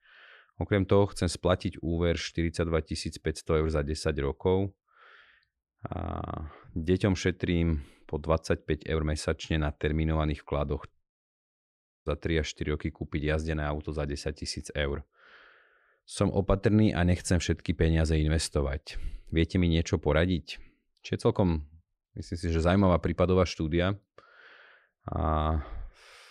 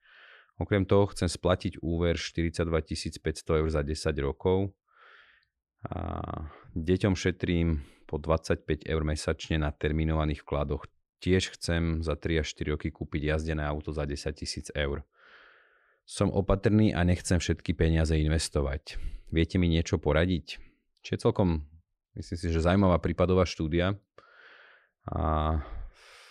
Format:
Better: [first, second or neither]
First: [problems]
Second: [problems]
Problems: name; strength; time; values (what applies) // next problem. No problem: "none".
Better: second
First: audio cutting out; at 11 s for 1 s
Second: none